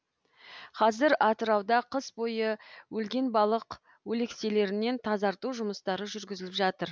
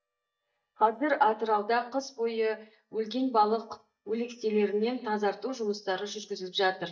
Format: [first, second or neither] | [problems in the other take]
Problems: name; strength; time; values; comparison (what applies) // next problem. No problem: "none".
first | noise reduction (neural mask model DeepFilterNet 3)